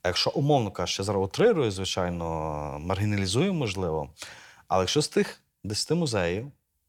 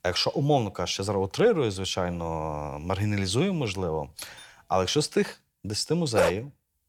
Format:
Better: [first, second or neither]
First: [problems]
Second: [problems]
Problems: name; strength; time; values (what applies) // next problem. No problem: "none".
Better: first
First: none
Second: doorbell; faint; at 4 s; peak 15 dB below the speech // dog barking; loud; at 6 s; peak level with the speech